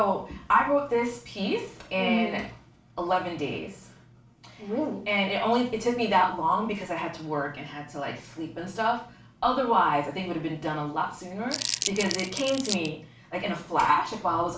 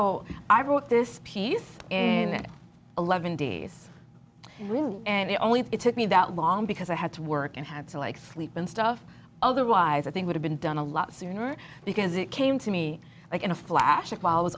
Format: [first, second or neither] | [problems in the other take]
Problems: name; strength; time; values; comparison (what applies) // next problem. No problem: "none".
second | background sound (Crumpling, crinkling); 5 dB below the speech // room echo; dies away in 0.4 s